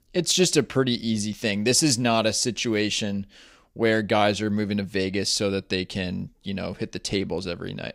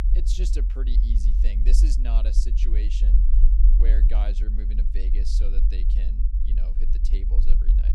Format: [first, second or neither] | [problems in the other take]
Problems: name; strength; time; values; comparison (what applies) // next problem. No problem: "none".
first | low rumble; loud; throughout; 4 dB below the speech